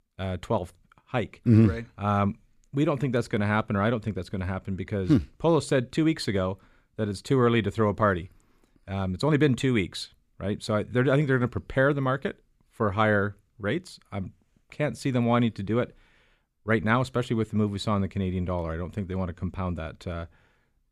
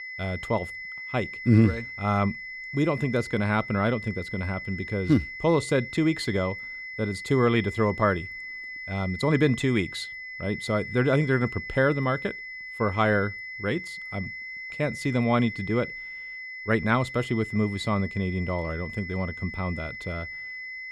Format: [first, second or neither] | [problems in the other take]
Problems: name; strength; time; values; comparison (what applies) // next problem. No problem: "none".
first | high-pitched whine; loud; throughout; 2 kHz, 9 dB below the speech